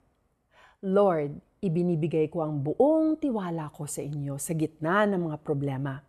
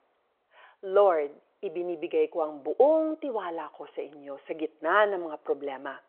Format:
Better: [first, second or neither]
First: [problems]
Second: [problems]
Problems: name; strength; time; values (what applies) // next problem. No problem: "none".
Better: first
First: none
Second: phone-call audio